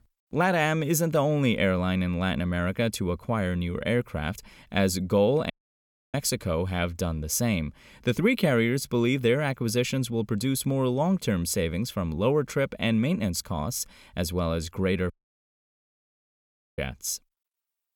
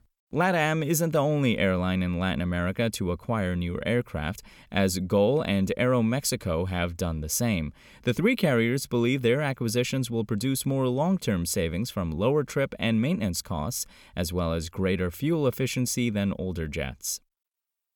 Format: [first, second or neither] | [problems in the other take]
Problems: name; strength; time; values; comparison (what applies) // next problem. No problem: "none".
second | audio cutting out; at 5.5 s for 0.5 s and at 15 s for 1.5 s